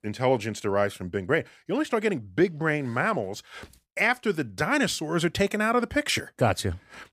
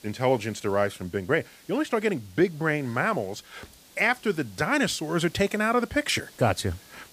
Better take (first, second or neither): first